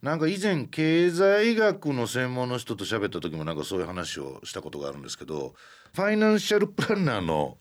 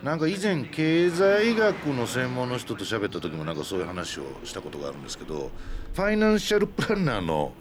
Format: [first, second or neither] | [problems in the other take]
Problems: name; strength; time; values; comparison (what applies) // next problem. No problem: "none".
first | train or aircraft noise; noticeable; throughout; 15 dB below the speech